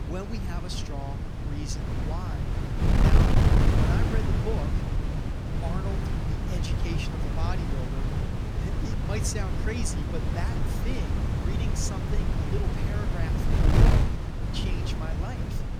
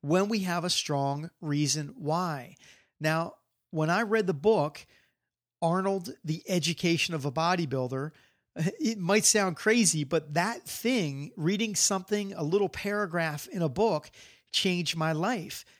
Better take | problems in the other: second | wind noise on the microphone; heavy; 3 dB above the speech

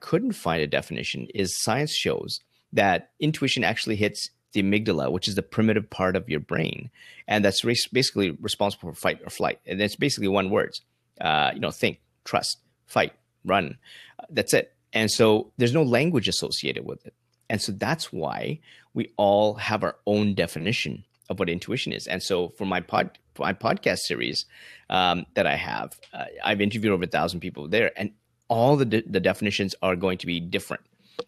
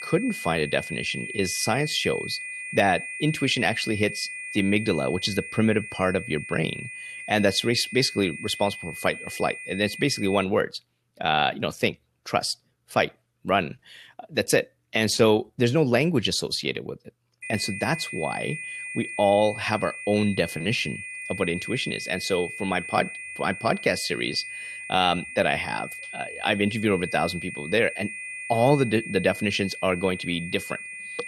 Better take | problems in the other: first | high-pitched whine; loud; until 10 s and from 17 s on; 2.5 kHz, 9 dB below the speech

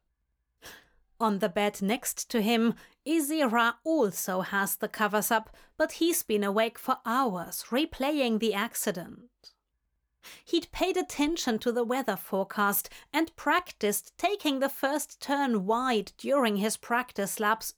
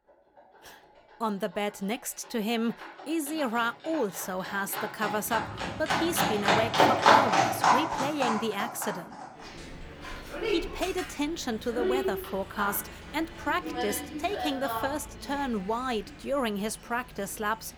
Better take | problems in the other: first | animal sounds; very loud; throughout; 3 dB above the speech

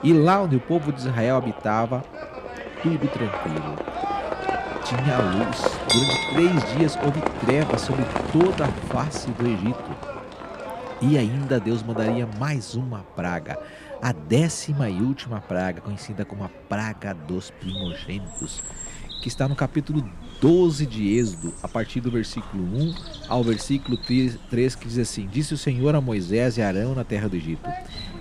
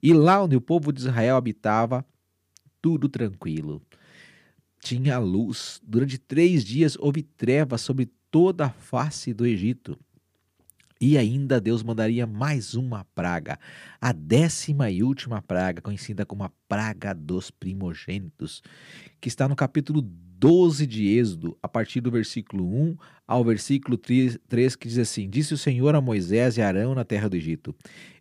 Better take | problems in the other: second | animal sounds; loud; throughout; 6 dB below the speech

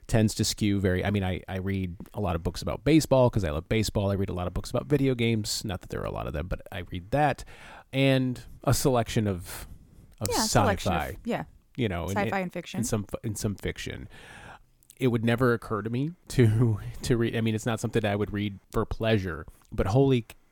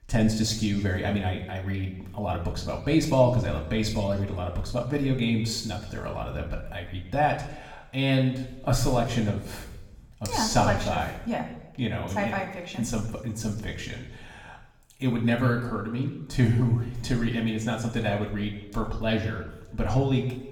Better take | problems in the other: first | room echo; slight; dies away in 0.9 s // off-mic speech; somewhat distant

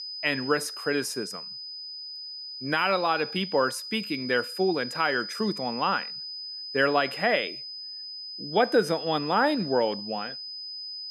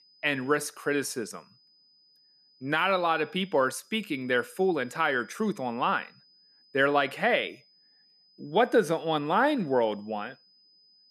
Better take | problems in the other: second | high-pitched whine; loud; throughout; 5 kHz, 8 dB below the speech; faint in the second

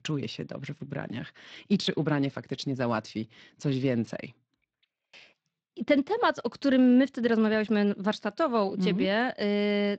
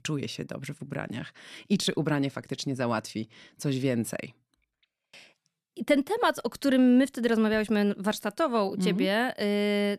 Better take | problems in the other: second | garbled, watery; slightly; nothing above 7.5 kHz

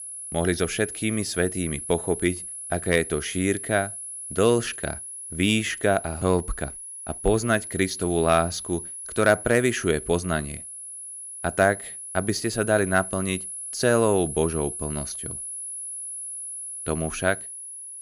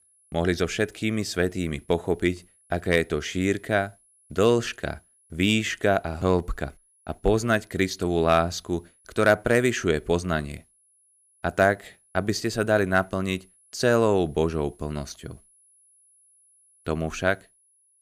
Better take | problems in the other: second | high-pitched whine; loud; throughout; 10.5 kHz, 8 dB below the speech; faint in the second

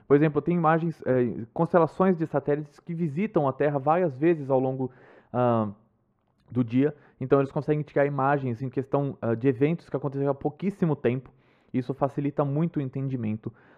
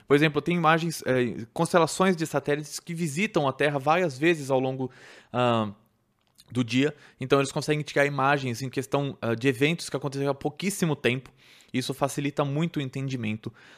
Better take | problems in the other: second | muffled; very; fading above 2.5 kHz

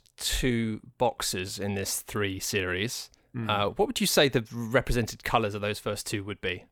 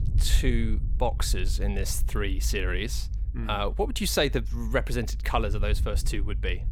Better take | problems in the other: first | low rumble; noticeable; throughout; 20 dB below the speech

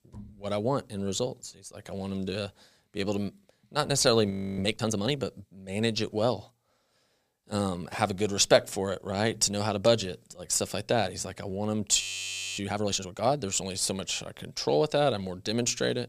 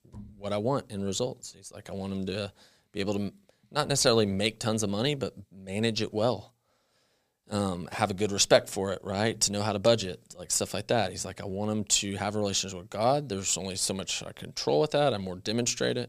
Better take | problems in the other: second | audio freezing; at 4.5 s and at 12 s for 0.5 s

